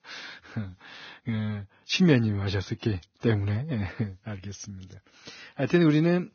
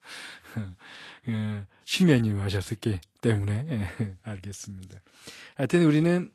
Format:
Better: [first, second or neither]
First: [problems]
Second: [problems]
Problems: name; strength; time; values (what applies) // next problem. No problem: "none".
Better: second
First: garbled, watery; badly; nothing above 6.5 kHz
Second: garbled, watery; slightly; nothing above 12.5 kHz